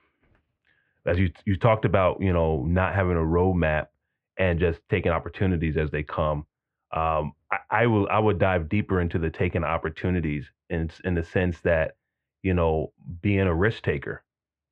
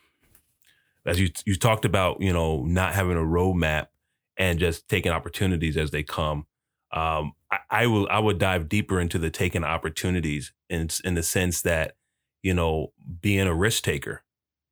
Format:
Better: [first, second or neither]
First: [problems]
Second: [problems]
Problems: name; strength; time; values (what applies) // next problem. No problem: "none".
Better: second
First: muffled; very; fading above 2 kHz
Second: none